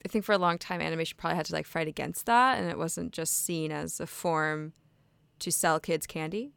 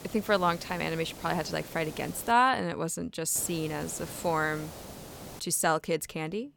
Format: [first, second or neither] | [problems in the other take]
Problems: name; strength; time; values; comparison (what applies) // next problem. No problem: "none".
first | hiss; noticeable; until 2.5 s and from 3.5 to 5.5 s; 15 dB below the speech